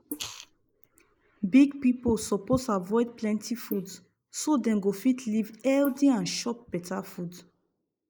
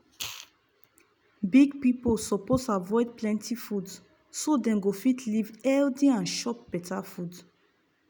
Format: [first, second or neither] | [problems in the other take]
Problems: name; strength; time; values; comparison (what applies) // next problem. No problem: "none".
second | noise reduction (neural mask model Resemble Enhance denoiser)